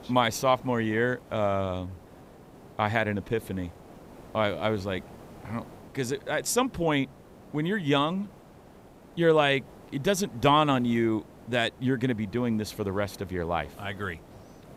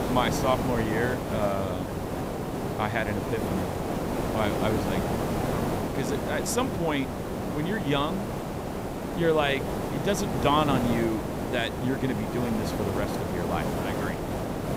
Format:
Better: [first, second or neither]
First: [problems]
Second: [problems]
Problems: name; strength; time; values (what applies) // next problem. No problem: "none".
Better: first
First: hiss; faint; throughout; 20 dB below the speech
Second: hiss; loud; throughout; 1 dB below the speech